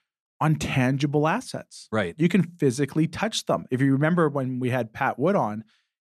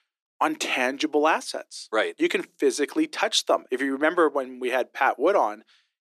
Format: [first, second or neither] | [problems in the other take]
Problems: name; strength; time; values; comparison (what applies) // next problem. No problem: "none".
first | thin; somewhat; fading below 300 Hz